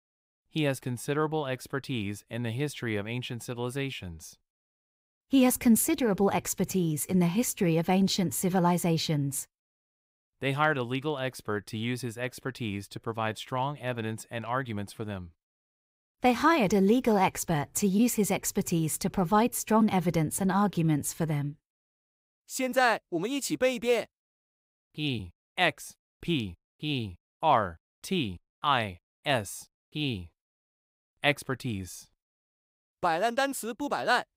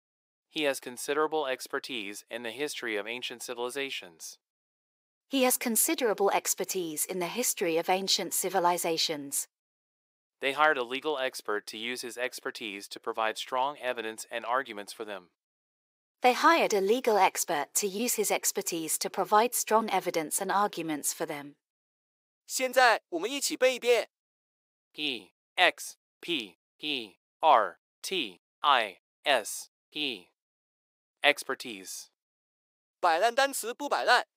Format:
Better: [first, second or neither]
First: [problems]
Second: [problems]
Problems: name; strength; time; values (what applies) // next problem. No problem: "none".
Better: first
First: none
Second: thin; somewhat; fading below 400 Hz